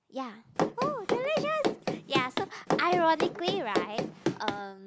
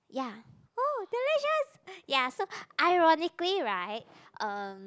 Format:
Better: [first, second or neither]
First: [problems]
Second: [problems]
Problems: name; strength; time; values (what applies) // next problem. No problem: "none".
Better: second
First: background sound (Run); as loud as the speech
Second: none